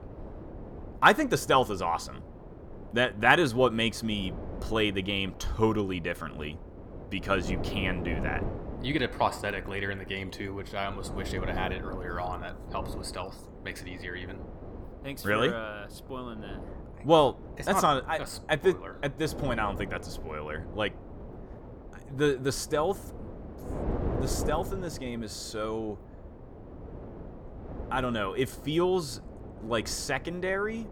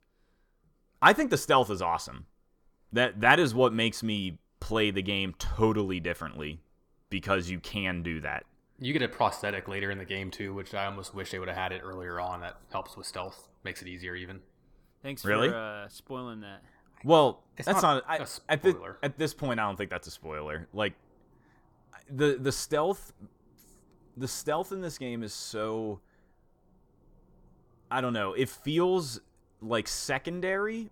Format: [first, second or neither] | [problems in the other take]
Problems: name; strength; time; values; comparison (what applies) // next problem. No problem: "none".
second | wind noise on the microphone; occasional gusts; 15 dB below the speech